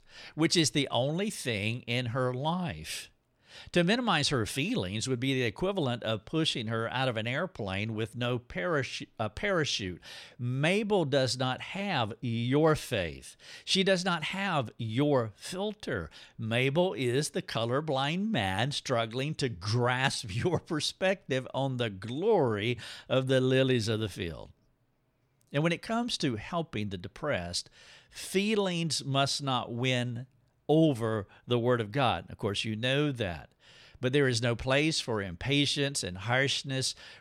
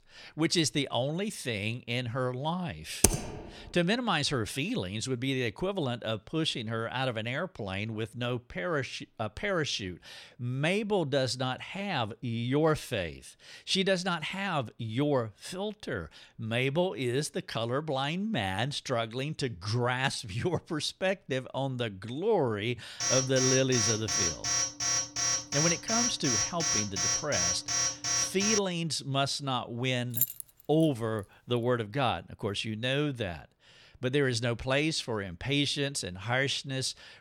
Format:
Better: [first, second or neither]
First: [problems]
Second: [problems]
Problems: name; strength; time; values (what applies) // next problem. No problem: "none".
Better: first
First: none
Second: keyboard typing; loud; at 3 s; peak 5 dB above the speech // alarm; loud; from 23 to 29 s; peak 4 dB above the speech // jangling keys; loud; at 30 s; peak 2 dB above the speech